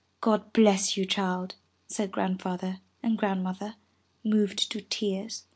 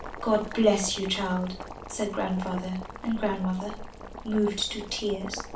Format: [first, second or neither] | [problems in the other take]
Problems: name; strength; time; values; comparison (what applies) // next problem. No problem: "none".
first | background sound (Boiling); 11 dB below the speech // room echo; dies away in 0.3 s